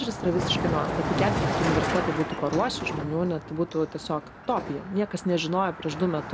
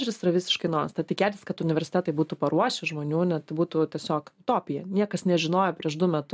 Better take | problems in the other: second | background sound (Car passing by); 3 dB below the speech

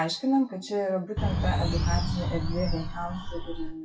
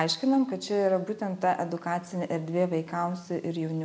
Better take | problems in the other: second | noise reduction (classical method WPE with log-MMSE)

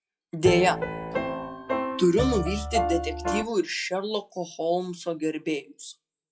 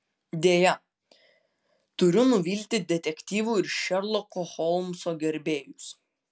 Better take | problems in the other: second | noise reduction (classical method WPE with log-MMSE)

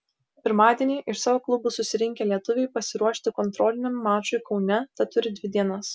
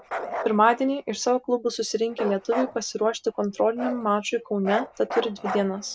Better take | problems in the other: first | background sound (Bark); 10 dB below the speech

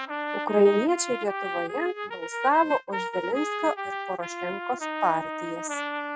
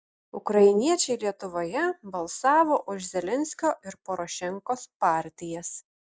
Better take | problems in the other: second | noise reduction (neural mask model RNNoise)

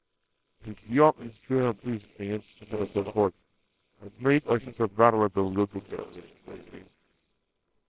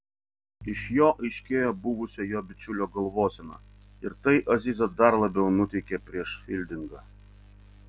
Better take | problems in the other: second | noise reduction (neural separator model SepFormer WHAMR!)

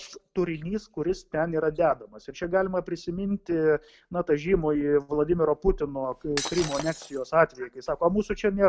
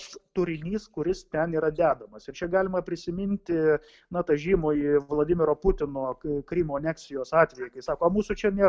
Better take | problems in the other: second | background sound (Shatter); 10 dB below the speech

